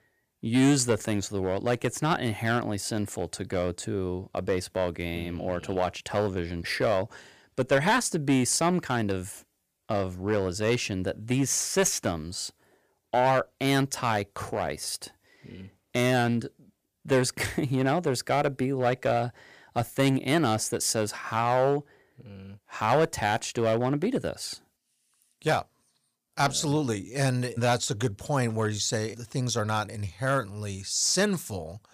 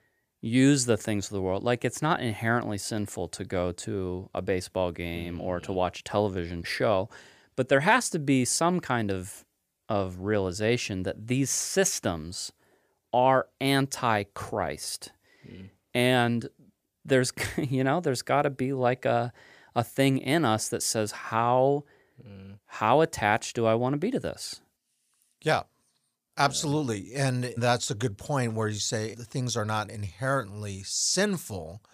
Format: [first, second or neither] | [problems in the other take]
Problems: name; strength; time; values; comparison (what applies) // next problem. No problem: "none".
second | distortion; slight; 2% of the sound clipped